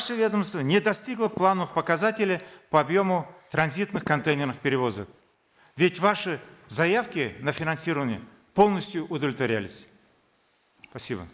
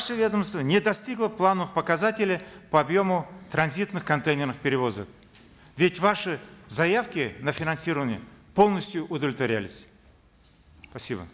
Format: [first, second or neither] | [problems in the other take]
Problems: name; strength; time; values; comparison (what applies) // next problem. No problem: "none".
second | noise reduction (neural mask model Resemble Enhance denoiser)